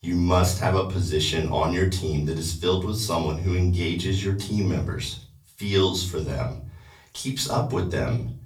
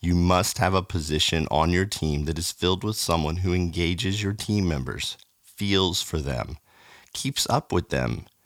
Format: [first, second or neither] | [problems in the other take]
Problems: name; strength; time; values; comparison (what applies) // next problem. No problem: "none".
second | off-mic speech; far // room echo; slight; dies away in 0.5 s